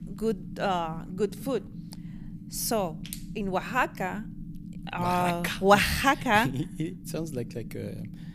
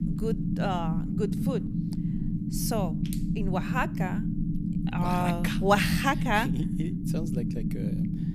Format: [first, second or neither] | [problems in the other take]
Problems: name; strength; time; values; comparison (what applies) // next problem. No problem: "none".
first | low rumble; loud; throughout; 8 dB below the speech; faint in the first